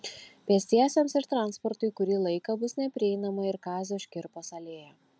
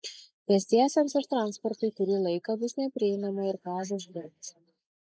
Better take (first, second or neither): first